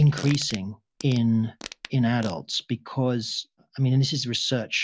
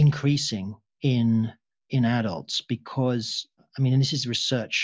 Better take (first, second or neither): second